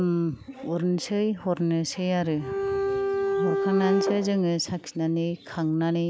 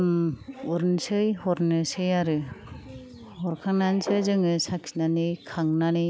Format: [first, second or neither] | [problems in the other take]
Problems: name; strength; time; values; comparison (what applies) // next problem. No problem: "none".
second | background sound (Bowed string instrument); as loud as the speech